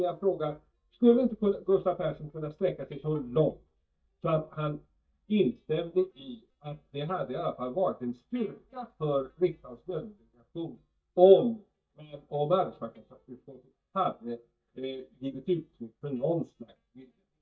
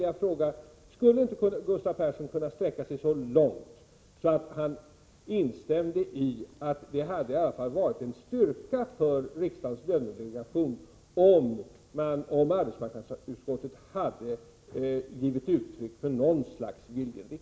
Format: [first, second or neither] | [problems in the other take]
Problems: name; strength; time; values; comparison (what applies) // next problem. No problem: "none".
second | noise reduction (neural mask model DeepFilterNet 3)